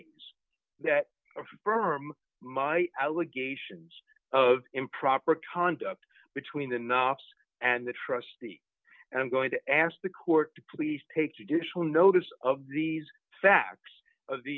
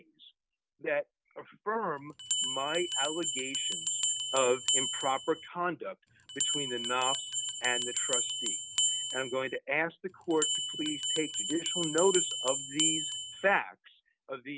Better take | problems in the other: first | background sound (Bell); 2 dB above the speech

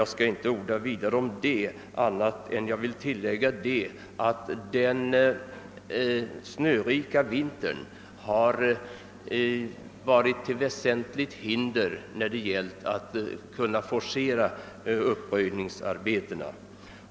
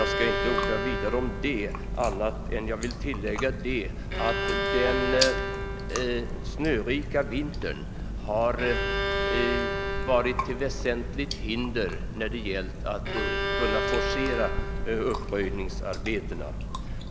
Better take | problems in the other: first | background sound (Chewing, mastication + Bowed string instrument); as loud as the speech

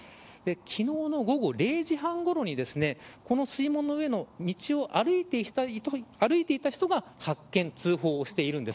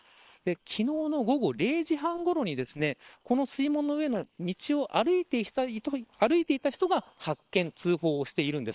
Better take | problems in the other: first | noise reduction (neural separator model SepFormer WHAM!)

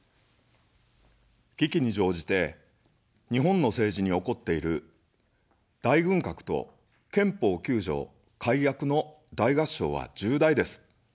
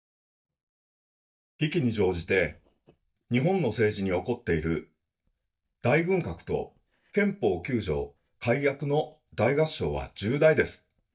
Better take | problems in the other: first | noise reduction (neural mask model DeepFilterNet 3)

